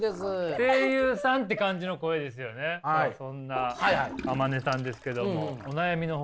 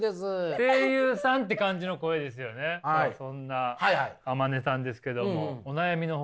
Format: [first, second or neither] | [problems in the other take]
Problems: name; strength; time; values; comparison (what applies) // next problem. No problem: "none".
second | background sound (Toilet flush / Gurgling); 16 dB below the speech